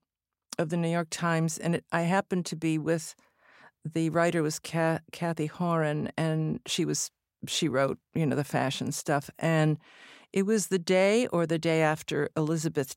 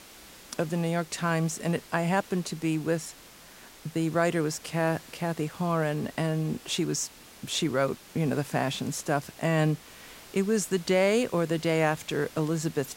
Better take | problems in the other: first | hiss; noticeable; throughout; 20 dB below the speech

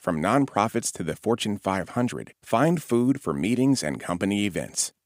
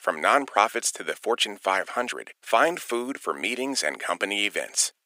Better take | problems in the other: first | thin; very; fading below 450 Hz

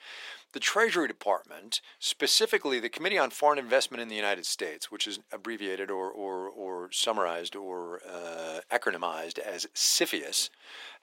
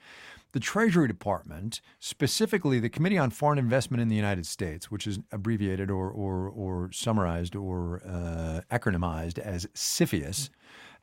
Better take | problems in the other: second | thin; very; fading below 350 Hz

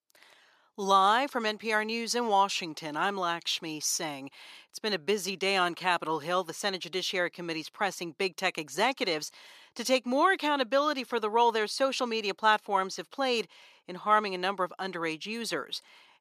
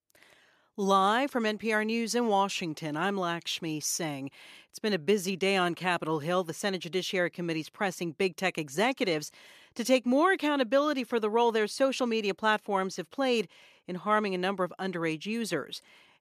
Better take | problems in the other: second | thin; very slightly; fading below 700 Hz

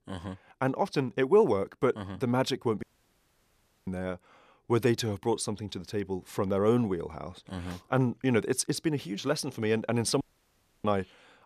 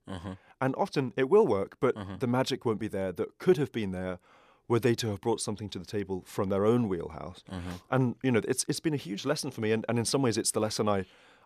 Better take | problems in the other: second | audio cutting out; at 3 s for 1 s and at 10 s for 0.5 s

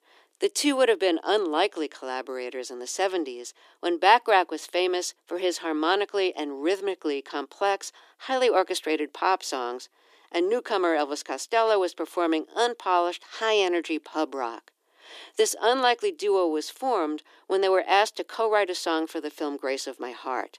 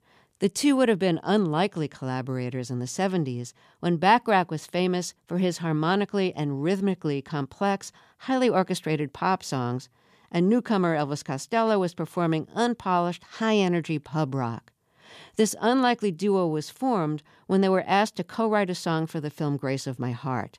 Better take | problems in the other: second | thin; very; fading below 300 Hz

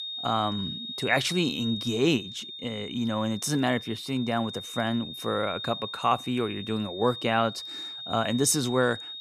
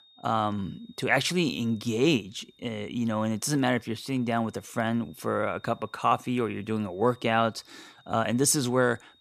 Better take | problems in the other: second | high-pitched whine; loud; throughout; 3.5 kHz, 8 dB below the speech; faint in the second

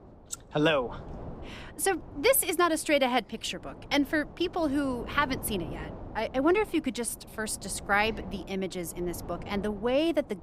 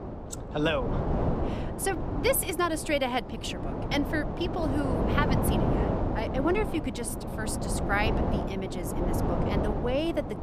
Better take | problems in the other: first | wind noise on the microphone; heavy; 3 dB below the speech; occasional gusts in the first

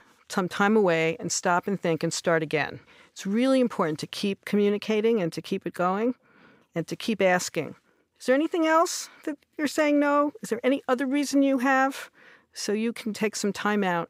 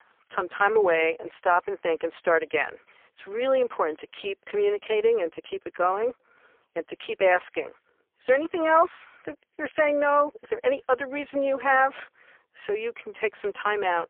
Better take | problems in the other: first | phone-call audio; poor line

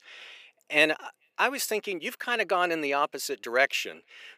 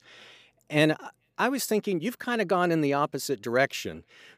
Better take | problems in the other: second | thin; somewhat; fading below 450 Hz

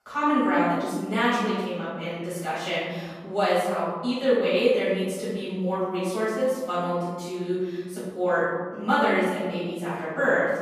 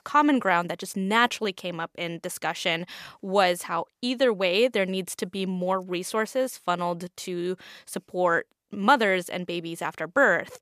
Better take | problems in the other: second | room echo; strong; dies away in 1.7 s // off-mic speech; far

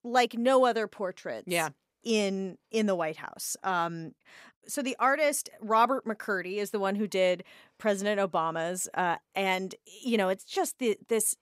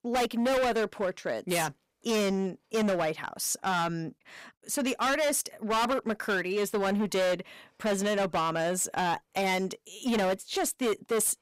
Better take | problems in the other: first | distortion; heavy; 19% of the sound clipped

